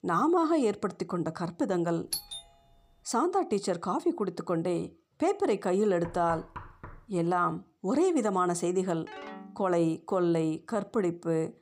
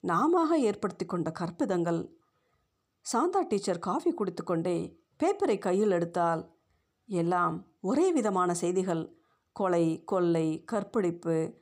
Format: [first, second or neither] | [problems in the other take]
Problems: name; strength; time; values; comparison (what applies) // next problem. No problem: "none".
second | doorbell; noticeable; at 2 s; peak 5 dB below the speech // door banging; faint; at 6 s; peak 15 dB below the speech // phone ringing; faint; at 9 s; peak 15 dB below the speech